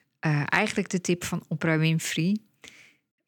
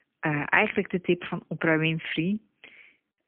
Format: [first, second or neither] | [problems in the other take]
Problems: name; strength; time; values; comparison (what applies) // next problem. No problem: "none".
first | phone-call audio; poor line; nothing above 3 kHz